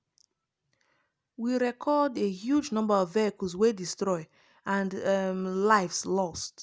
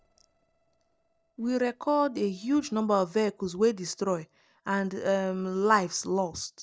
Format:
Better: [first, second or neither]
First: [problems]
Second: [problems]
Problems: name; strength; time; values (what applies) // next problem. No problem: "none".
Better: first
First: none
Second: noise reduction (neural separator model SepFormer DNS4)